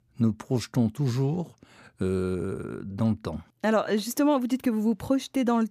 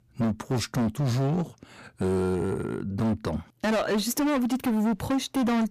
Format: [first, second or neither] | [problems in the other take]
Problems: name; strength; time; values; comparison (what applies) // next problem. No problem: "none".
first | distortion; heavy; 22% of the sound clipped